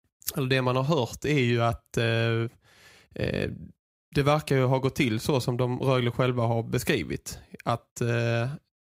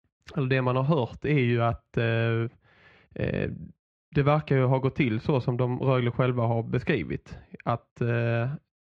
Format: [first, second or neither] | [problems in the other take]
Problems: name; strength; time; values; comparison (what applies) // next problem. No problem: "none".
first | muffled; very; fading above 3 kHz